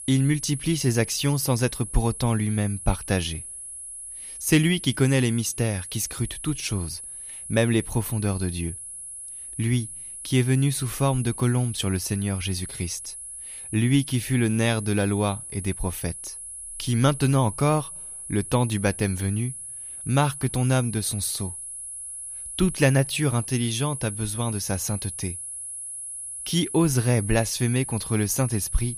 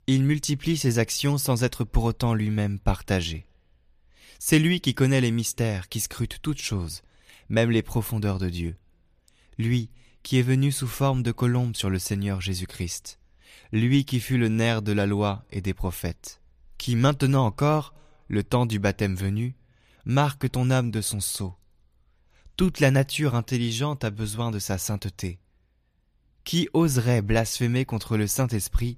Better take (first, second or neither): second